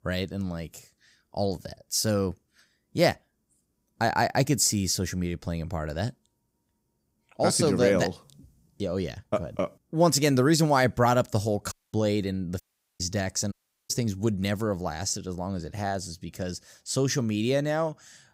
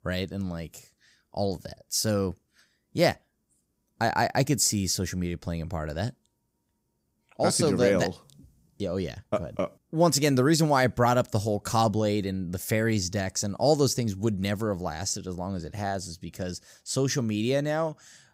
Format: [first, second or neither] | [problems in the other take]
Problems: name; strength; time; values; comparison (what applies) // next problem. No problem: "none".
second | audio cutting out; at 12 s, at 13 s and at 14 s